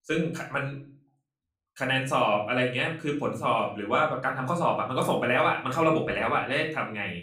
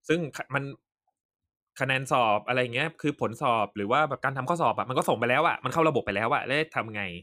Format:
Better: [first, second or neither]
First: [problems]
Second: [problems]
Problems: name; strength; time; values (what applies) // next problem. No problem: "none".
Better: second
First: room echo; slight; dies away in 0.4 s // off-mic speech; far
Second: none